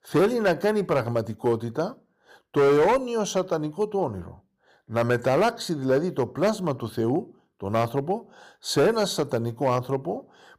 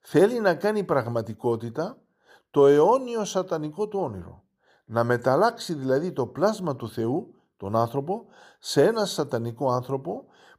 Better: second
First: distortion; slight; 5% of the sound clipped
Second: none

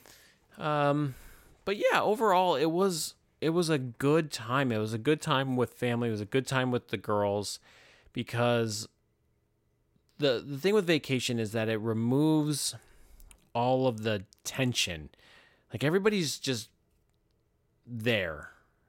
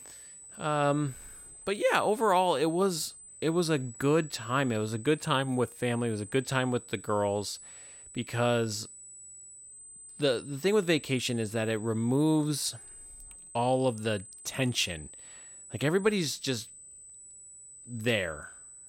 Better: first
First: none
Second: high-pitched whine; noticeable; throughout; 8 kHz, 15 dB below the speech

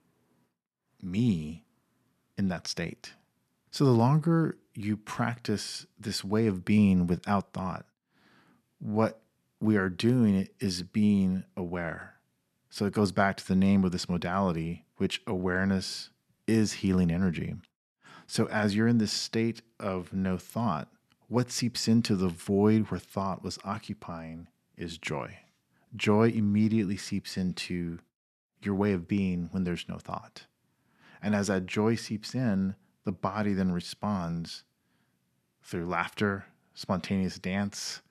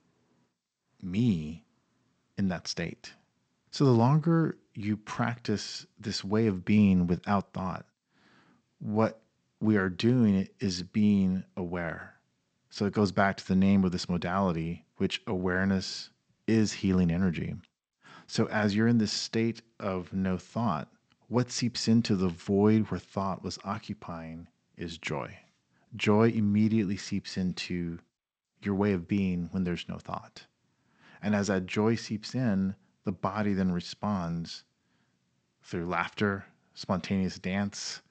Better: first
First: none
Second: garbled, watery; slightly; nothing above 8 kHz

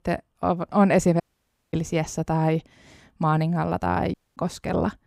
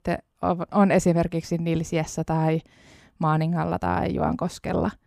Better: second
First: audio cutting out; at 1 s for 0.5 s and at 4 s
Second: none

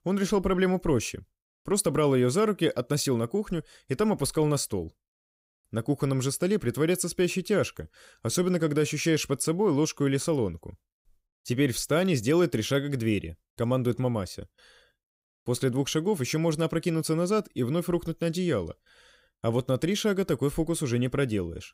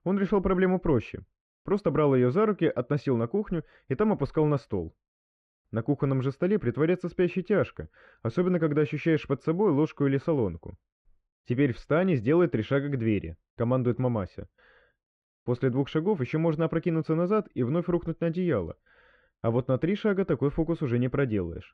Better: first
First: none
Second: muffled; very; fading above 2 kHz

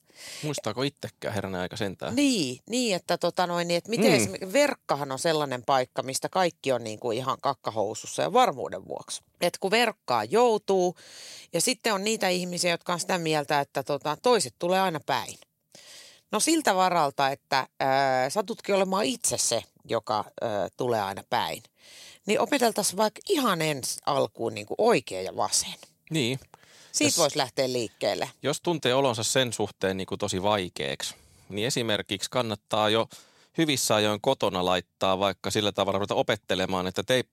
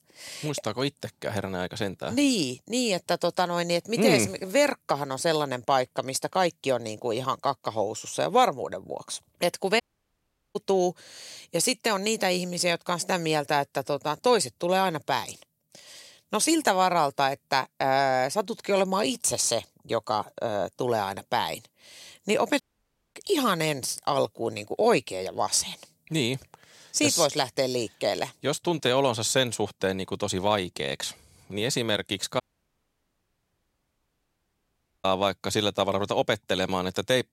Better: first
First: none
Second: audio cutting out; at 10 s for 1 s, at 23 s for 0.5 s and at 32 s for 2.5 s

